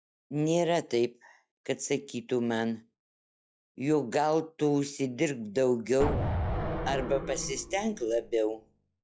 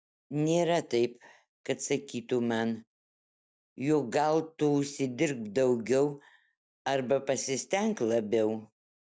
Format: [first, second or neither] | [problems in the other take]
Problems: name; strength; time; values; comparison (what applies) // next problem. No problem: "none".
second | noise reduction (classical method log-MMSE)